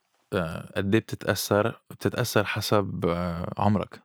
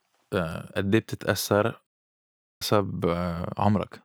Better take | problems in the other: first | audio cutting out; at 2 s for 0.5 s

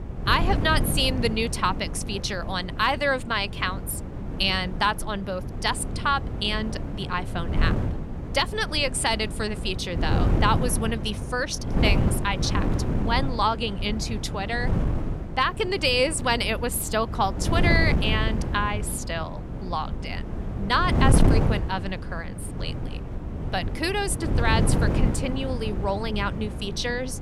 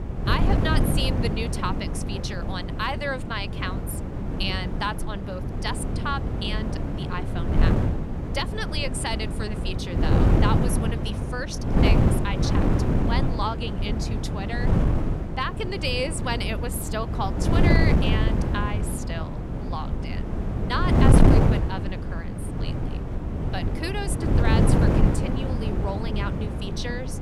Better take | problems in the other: first | wind noise on the microphone; heavy; 2 dB below the speech; occasional gusts in the first

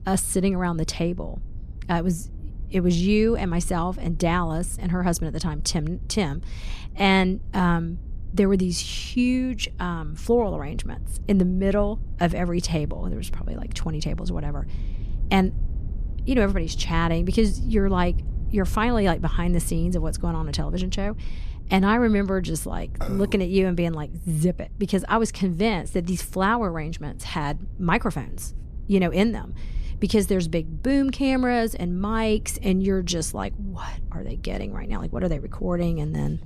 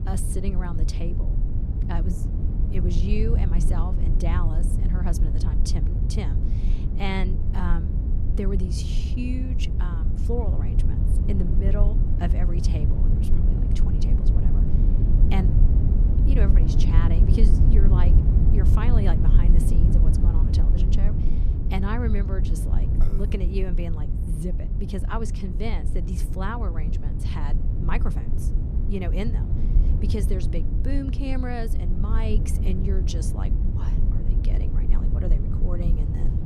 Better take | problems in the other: first | low rumble; loud; throughout; 2 dB below the speech; faint in the first

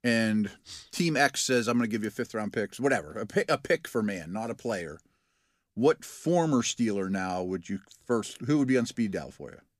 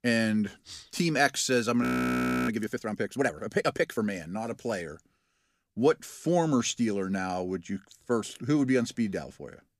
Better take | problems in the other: first | audio freezing; at 2 s for 0.5 s

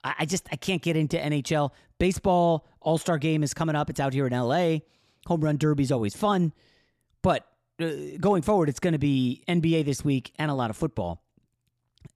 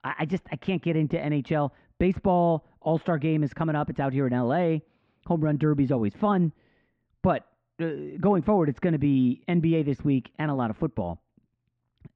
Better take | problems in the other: first | muffled; very; fading above 2.5 kHz

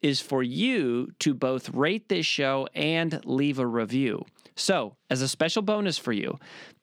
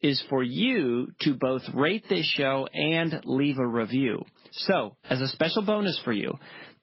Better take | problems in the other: first | garbled, watery; badly; nothing above 5.5 kHz

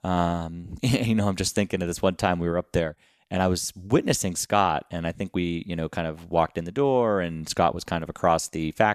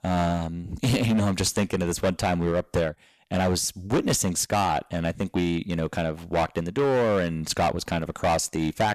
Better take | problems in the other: first | distortion; heavy; 11% of the sound clipped

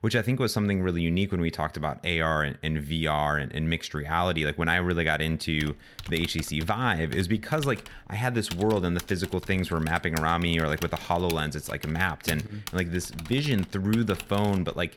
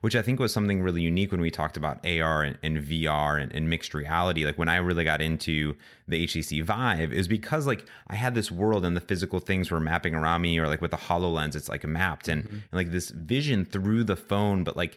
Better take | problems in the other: second | keyboard typing; noticeable; from 5.5 s on; peak 7 dB below the speech

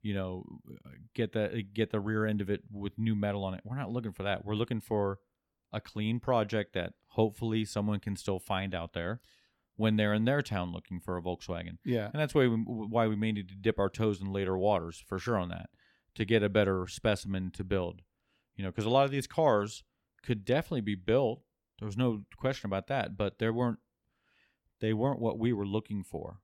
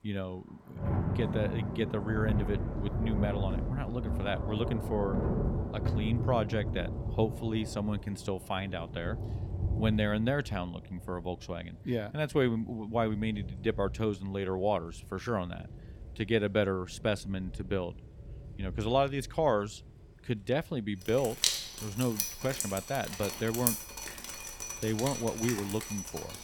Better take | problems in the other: first | rain or running water; loud; throughout; 2 dB below the speech

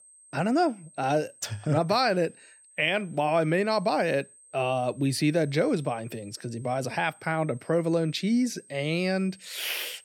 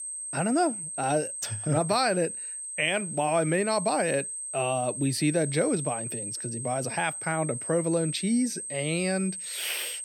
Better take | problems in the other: first | high-pitched whine; loud; throughout; 8.5 kHz, 5 dB below the speech; faint in the first

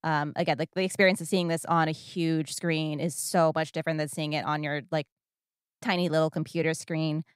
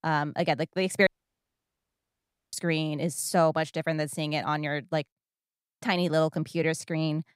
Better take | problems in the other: first | audio cutting out; at 1 s for 1.5 s

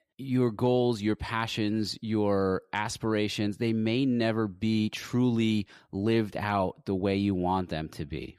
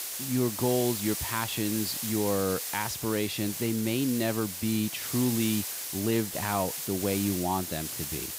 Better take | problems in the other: first | hiss; loud; throughout; 3 dB below the speech

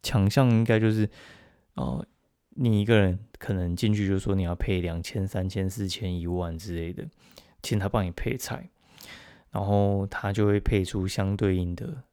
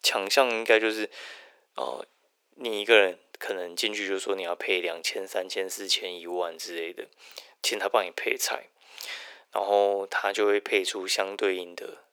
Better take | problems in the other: first | thin; very; fading below 400 Hz

